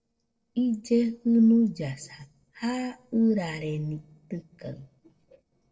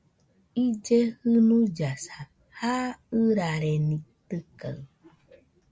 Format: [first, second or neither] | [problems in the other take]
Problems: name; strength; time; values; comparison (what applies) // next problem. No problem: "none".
second | noise reduction (neural separator model SepFormer DNS4)